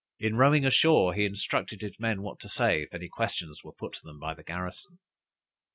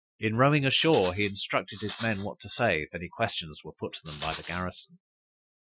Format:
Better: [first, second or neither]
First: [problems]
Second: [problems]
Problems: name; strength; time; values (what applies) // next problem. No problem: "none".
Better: first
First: none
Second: noise reduction (classical method Wiener filter)